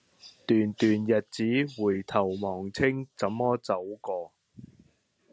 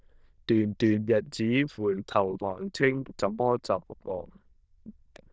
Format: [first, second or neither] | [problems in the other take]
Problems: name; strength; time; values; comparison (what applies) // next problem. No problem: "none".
first | noise reduction (neural diffusion model UNIVERSE++)